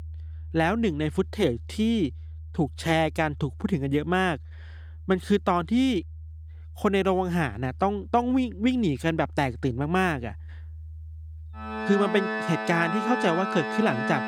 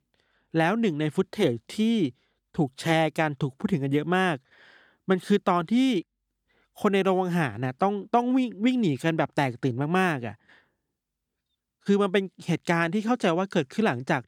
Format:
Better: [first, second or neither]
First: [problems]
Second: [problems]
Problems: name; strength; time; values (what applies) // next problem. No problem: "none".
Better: second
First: background music; noticeable; throughout; 10 dB below the speech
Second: none